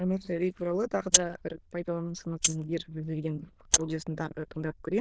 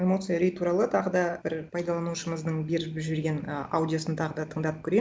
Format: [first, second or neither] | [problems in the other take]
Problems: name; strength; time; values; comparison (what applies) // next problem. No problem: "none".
second | noise reduction (neural diffusion model UNIVERSE++)